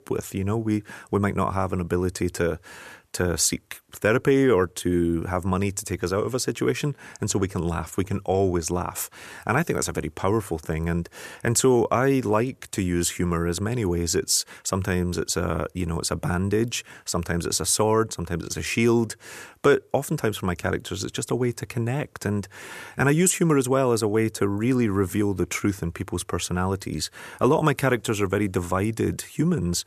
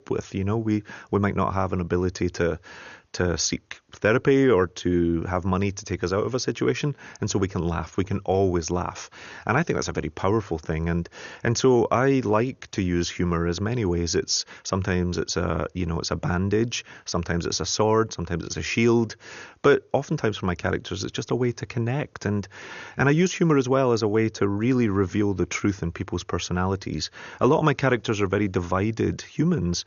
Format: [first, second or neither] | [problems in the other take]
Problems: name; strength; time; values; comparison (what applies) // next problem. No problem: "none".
first | garbled, watery; slightly; nothing above 6.5 kHz